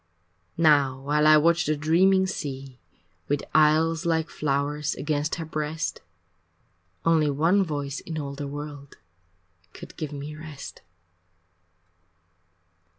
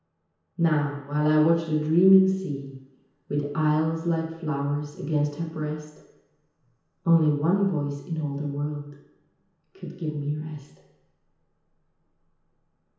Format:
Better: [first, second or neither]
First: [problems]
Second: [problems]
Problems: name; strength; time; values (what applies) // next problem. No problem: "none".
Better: first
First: none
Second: room echo; dies away in 1 s